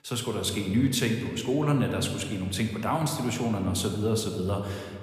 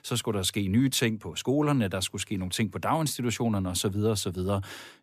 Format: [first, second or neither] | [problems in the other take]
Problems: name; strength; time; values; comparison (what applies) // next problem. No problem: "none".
second | room echo; slight; dies away in 1.6 s